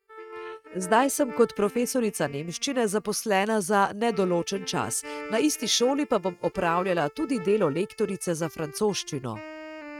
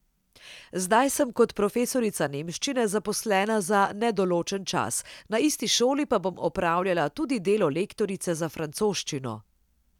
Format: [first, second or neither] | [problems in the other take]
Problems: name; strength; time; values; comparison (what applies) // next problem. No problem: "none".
second | noise reduction (neural mask model RNNoise)